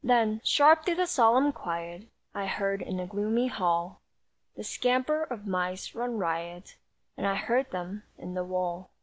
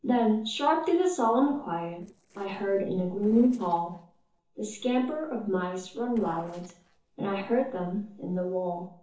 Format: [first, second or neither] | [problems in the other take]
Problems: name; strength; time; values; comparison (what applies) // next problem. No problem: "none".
first | noise reduction (neural separator model SepFormer DNS4)